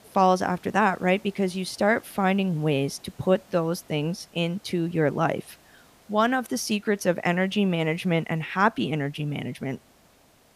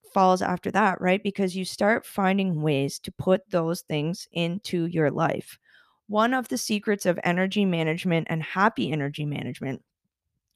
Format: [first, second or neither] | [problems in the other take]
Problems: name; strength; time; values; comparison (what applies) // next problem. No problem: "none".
second | hiss; faint; throughout; 30 dB below the speech